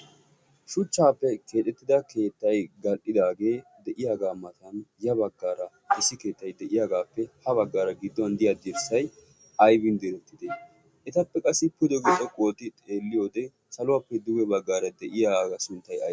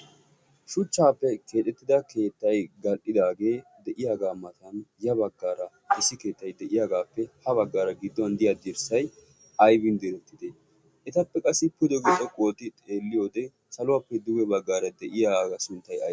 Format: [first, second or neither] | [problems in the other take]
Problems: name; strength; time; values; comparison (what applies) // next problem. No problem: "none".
second | background sound (Wind instrument, woodwind instrument); 14 dB below the speech